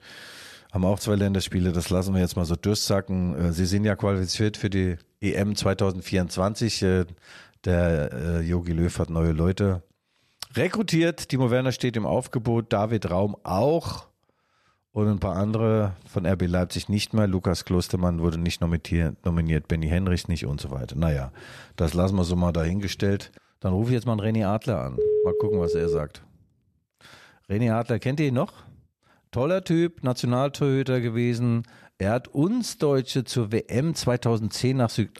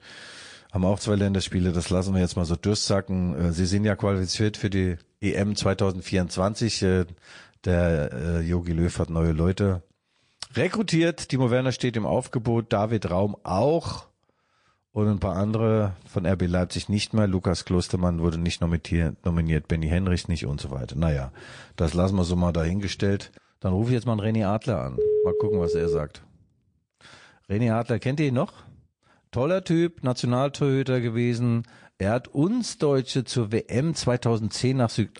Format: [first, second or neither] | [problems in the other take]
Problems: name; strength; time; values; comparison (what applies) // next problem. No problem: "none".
first | garbled, watery; slightly; nothing above 9 kHz